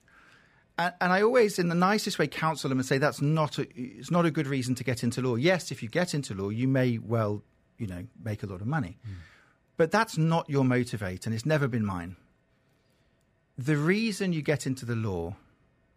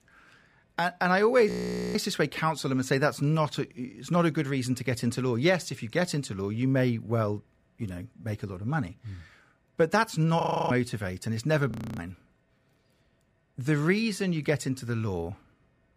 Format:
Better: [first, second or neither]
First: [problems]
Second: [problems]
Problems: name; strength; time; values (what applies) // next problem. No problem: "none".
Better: first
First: none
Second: audio freezing; at 1.5 s, at 10 s and at 12 s